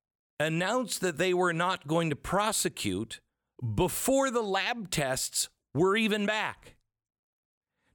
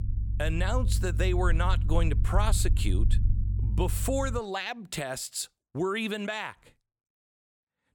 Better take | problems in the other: first | low rumble; noticeable; until 4.5 s; 15 dB below the speech

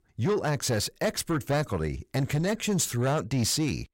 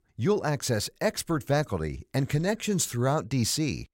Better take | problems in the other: second | distortion; slight; 10 dB below the speech

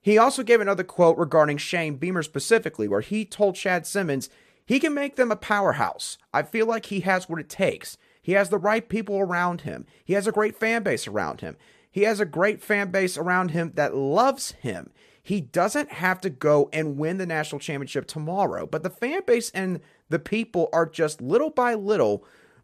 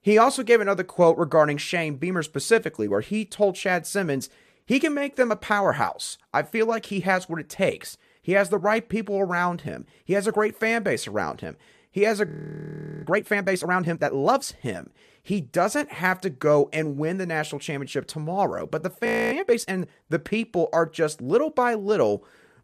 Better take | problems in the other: first | audio freezing; at 12 s for 1 s and at 19 s

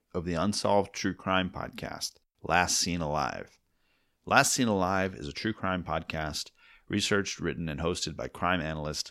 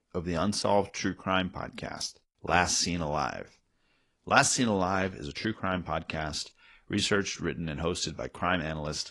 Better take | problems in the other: first | garbled, watery; slightly; nothing above 10.5 kHz

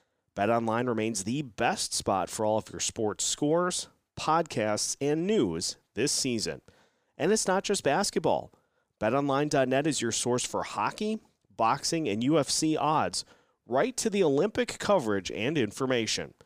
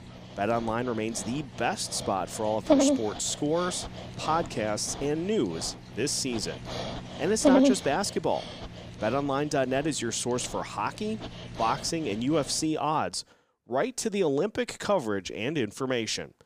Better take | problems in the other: first | animal sounds; loud; until 12 s; 2 dB below the speech

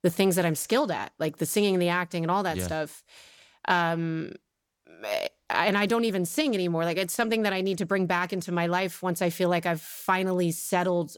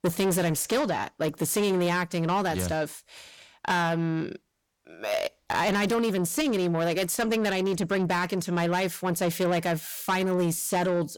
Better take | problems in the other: first | distortion; slight; 10 dB below the speech

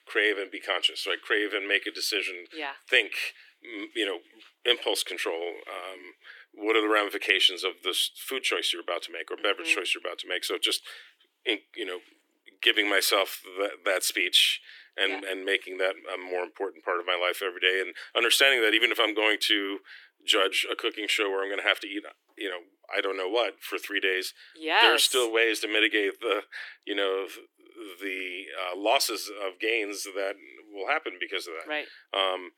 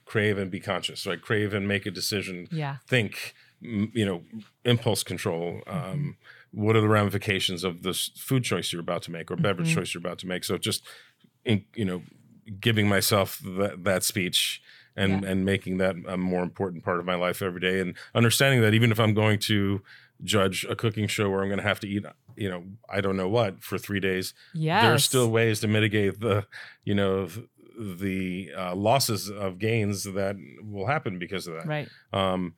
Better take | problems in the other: second | thin; very; fading below 300 Hz

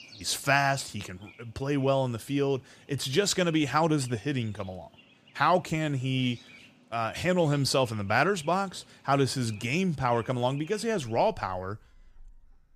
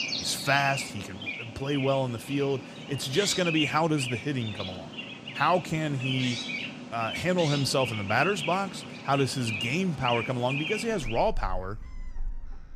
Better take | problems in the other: first | animal sounds; loud; throughout; 6 dB below the speech; faint in the first

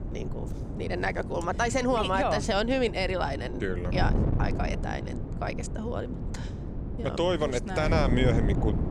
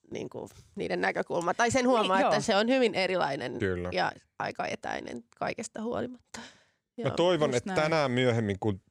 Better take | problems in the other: second | wind noise on the microphone; occasional gusts; 10 dB below the speech

